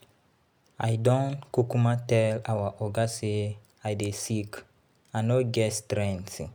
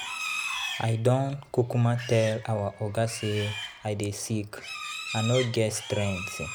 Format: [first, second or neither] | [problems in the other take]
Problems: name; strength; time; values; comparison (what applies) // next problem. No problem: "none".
first | background sound (Livestock, farm animals, working animals); 9 dB below the speech